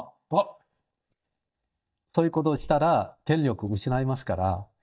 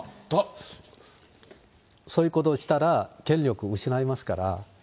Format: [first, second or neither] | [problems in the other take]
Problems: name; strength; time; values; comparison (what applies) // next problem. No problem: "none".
second | noise reduction (neural mask model DeepFilterNet 3)